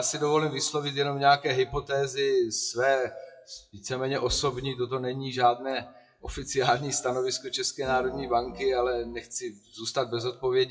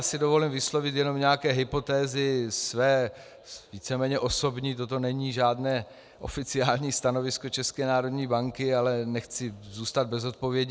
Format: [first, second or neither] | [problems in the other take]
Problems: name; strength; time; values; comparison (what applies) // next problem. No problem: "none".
second | noise reduction (classical method WPE with log-MMSE)